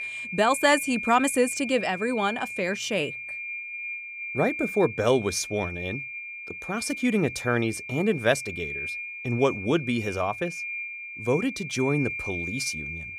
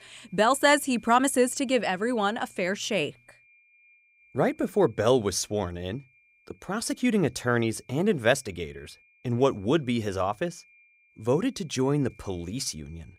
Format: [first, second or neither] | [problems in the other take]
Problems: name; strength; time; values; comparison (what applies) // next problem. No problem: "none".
second | high-pitched whine; loud; throughout; 2.5 kHz, 7 dB below the speech; faint in the second